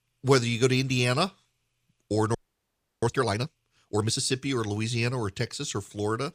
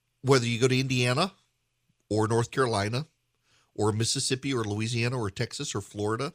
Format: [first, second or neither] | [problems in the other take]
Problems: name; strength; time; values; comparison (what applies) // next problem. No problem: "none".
second | audio freezing; at 2.5 s for 0.5 s